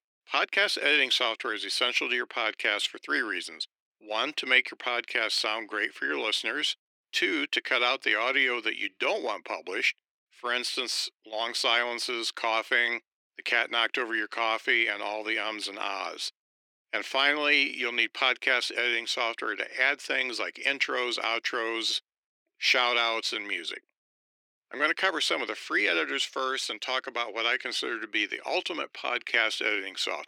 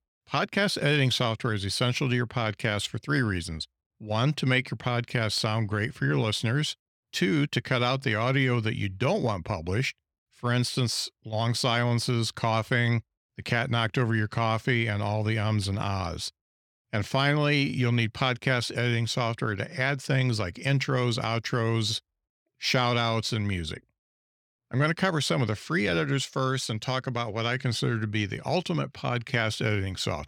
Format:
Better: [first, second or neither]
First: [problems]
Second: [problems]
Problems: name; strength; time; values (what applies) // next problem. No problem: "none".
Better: second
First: thin; very; fading below 300 Hz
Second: none